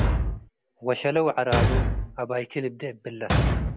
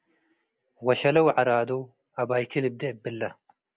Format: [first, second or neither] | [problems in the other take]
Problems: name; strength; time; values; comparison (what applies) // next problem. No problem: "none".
second | background sound (Thump, thud); 3 dB above the speech